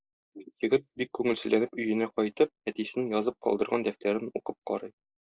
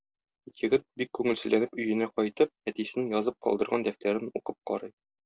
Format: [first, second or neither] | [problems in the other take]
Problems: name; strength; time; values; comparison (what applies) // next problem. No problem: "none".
second | noise reduction (neural mask model Resemble Enhance denoiser)